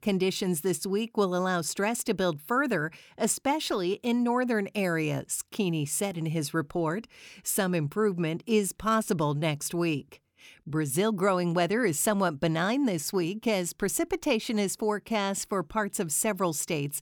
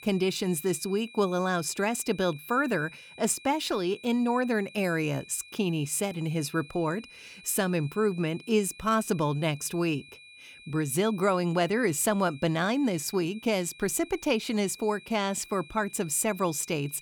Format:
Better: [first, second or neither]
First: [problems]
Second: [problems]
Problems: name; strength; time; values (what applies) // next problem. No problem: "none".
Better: first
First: none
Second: high-pitched whine; noticeable; throughout; 2.5 kHz, 20 dB below the speech